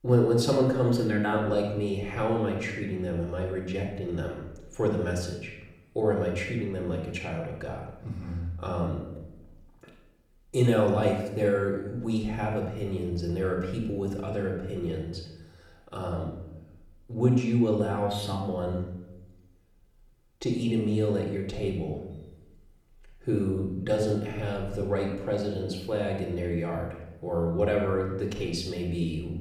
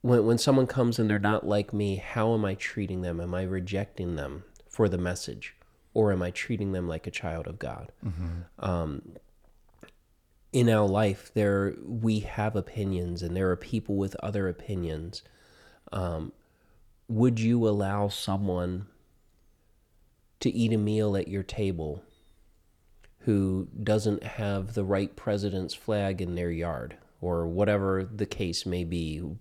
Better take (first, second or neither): second